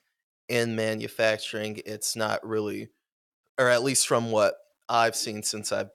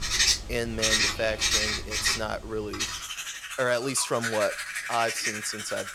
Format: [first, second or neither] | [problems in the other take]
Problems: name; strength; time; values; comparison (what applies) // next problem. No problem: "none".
first | household noises; very loud; throughout; 3 dB above the speech